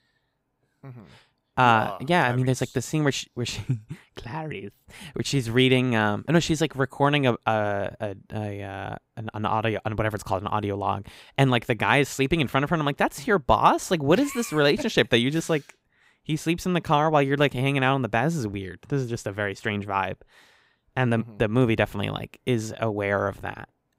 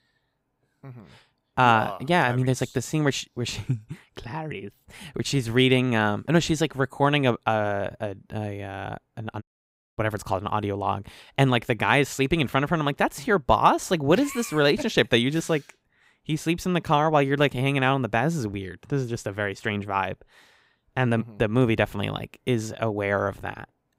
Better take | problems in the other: first | audio cutting out; at 9.5 s for 0.5 s

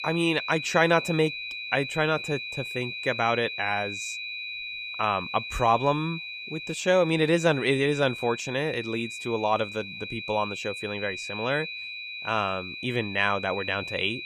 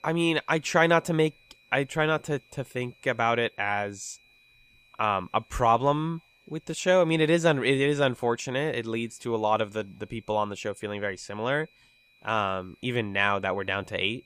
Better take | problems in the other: second | high-pitched whine; loud; throughout; 2.5 kHz, 7 dB below the speech; faint in the second

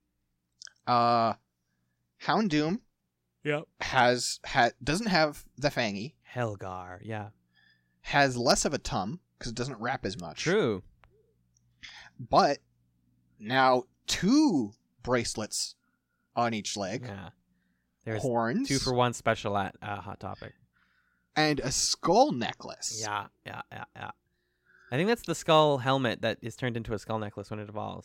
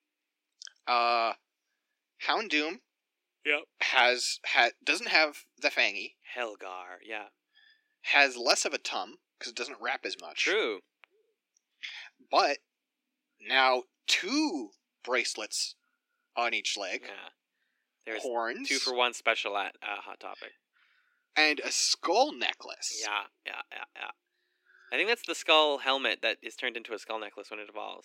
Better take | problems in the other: first | thin; somewhat; fading below 300 Hz

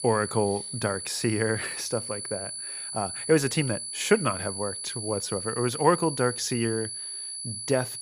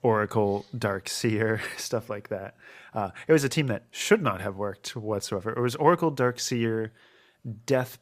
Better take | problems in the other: second | high-pitched whine; loud; throughout; 10 kHz, 5 dB below the speech

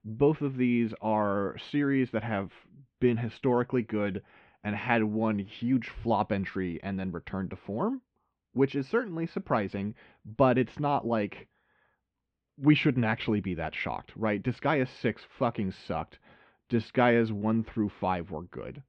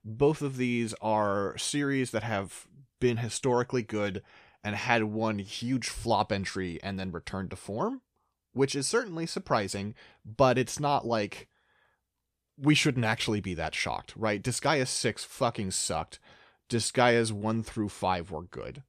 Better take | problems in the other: second | muffled; very; fading above 3 kHz

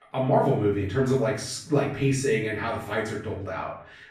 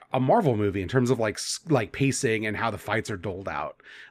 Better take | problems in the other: second | off-mic speech; far // room echo; noticeable; dies away in 0.5 s

